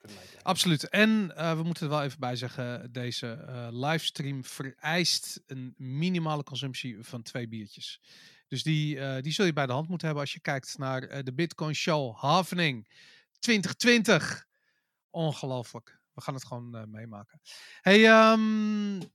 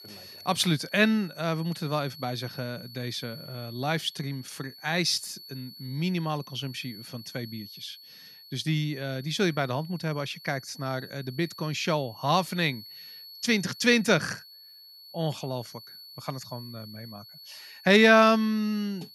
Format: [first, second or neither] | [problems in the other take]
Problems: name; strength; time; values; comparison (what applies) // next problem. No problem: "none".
first | high-pitched whine; noticeable; throughout; 4.5 kHz, 20 dB below the speech